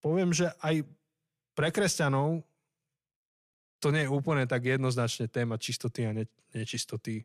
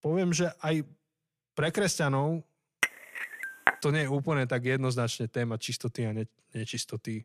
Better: first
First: none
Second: clattering dishes; loud; at 3 s; peak 2 dB above the speech

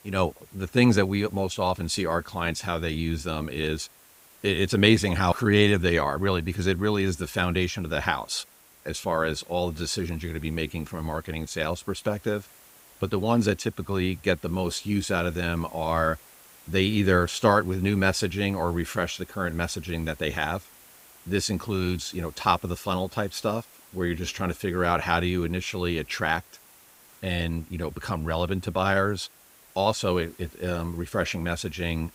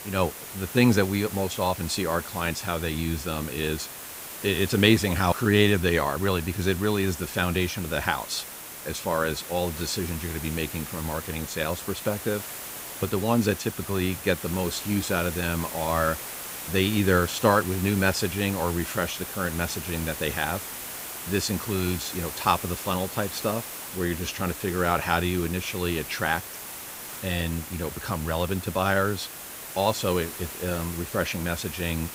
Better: first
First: hiss; faint; throughout; 25 dB below the speech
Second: hiss; loud; throughout; 9 dB below the speech

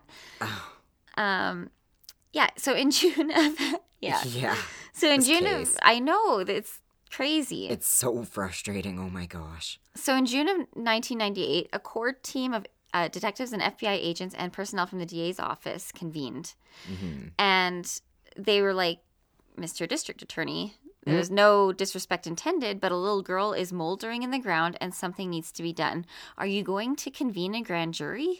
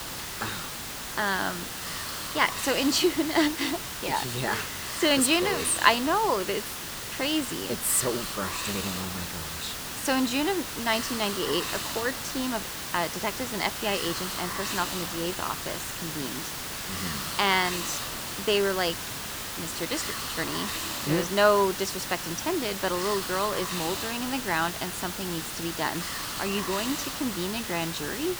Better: first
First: none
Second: hiss; loud; throughout; 4 dB below the speech

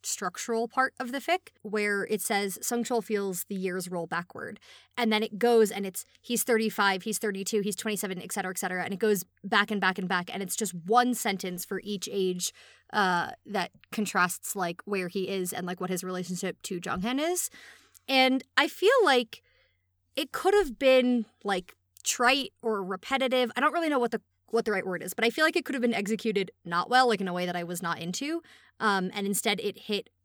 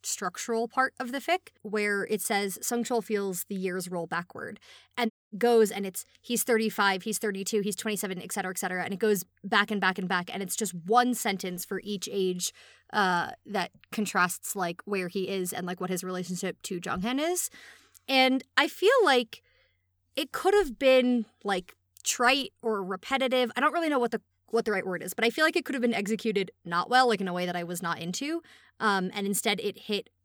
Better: first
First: none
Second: audio cutting out; at 5 s

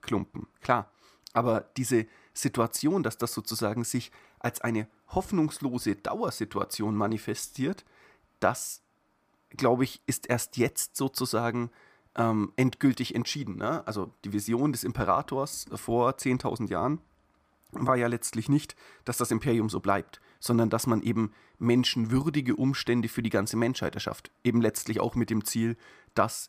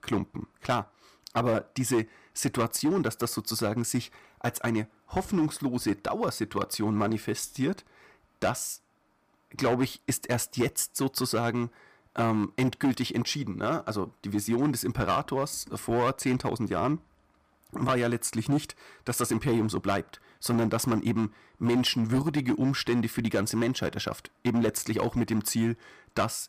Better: first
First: none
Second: distortion; slight; 6% of the sound clipped

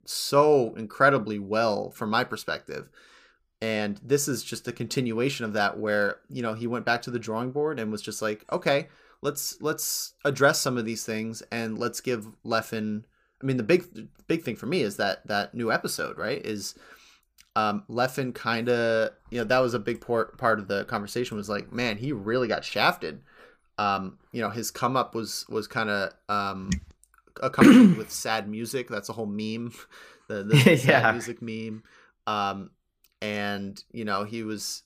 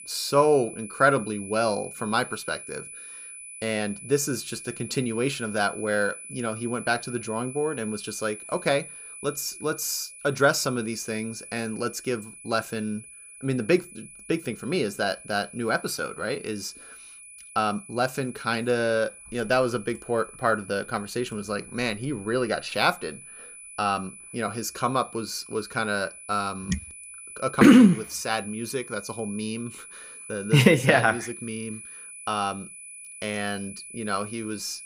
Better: first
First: none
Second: high-pitched whine; noticeable; throughout; 10 kHz, 15 dB below the speech

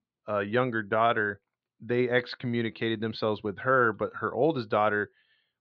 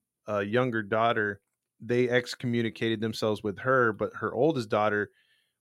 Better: second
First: muffled; very slightly; fading above 4 kHz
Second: none

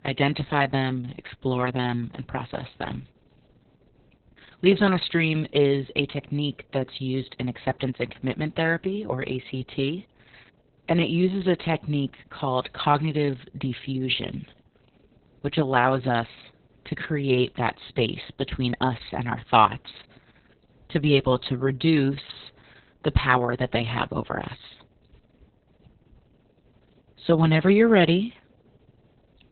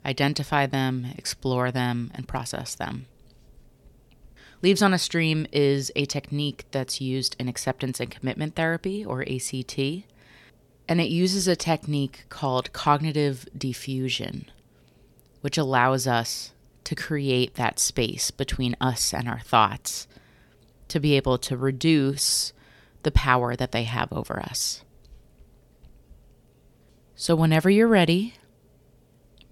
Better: second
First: garbled, watery; badly; nothing above 4 kHz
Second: none

